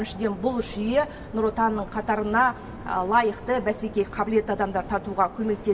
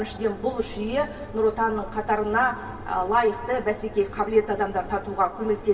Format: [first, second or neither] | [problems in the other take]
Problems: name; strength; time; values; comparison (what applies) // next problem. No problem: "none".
first | room echo; dies away in 2.1 s